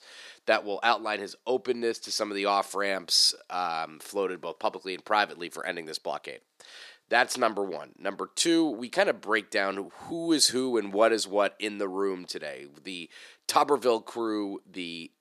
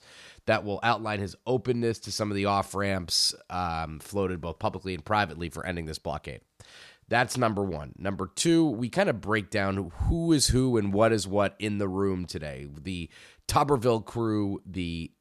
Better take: second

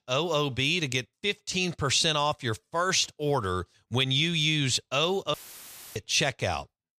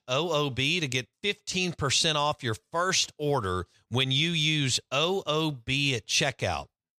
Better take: second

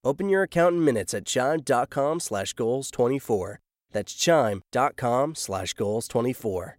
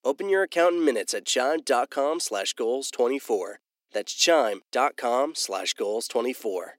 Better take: first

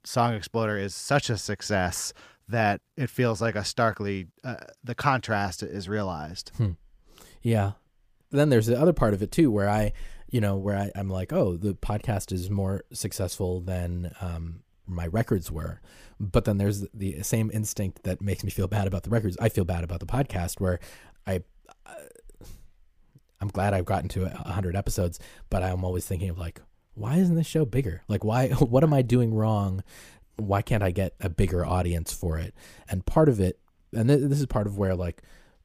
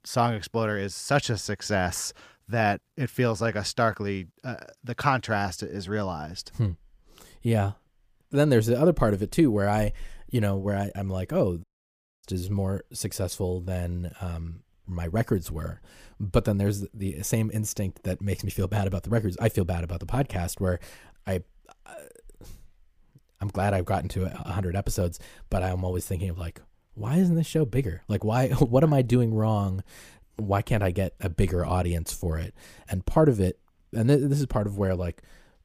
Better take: first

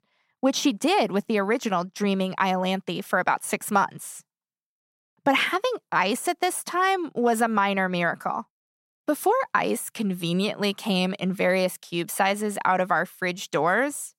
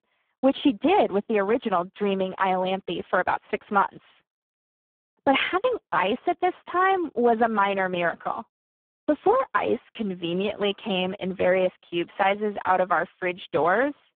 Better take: first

